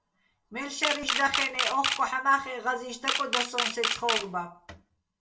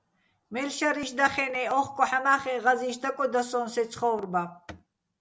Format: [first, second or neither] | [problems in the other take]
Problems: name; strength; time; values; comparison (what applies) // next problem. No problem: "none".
second | background sound (Camera); 1 dB below the speech // room echo; dies away in 0.2 s